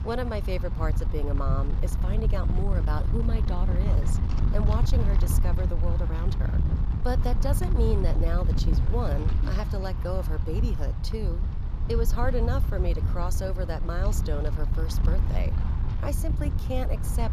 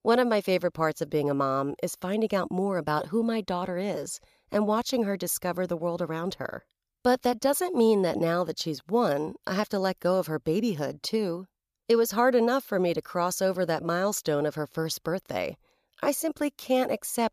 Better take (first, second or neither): second